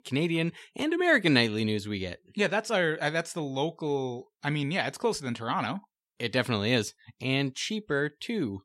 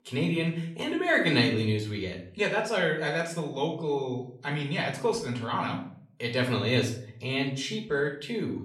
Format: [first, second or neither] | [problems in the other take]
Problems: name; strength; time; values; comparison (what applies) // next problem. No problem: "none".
first | room echo; slight; dies away in 0.5 s // off-mic speech; somewhat distant